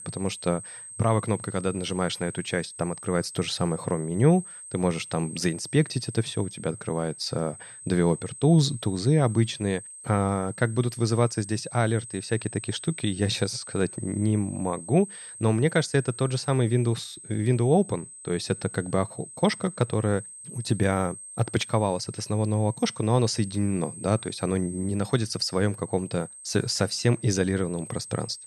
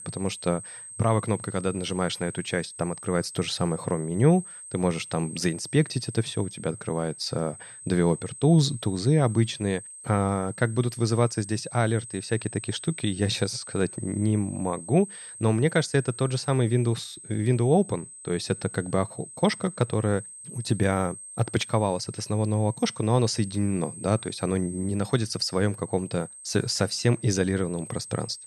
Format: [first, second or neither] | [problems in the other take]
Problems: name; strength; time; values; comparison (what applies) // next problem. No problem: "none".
neither | high-pitched whine; noticeable; throughout; 8.5 kHz, 15 dB below the speech; the same in both